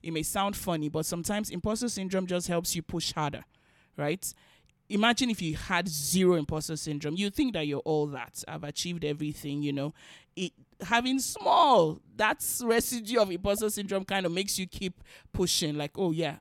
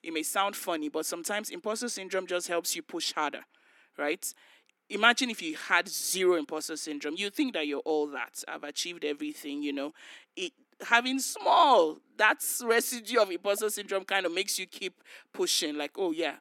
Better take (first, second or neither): first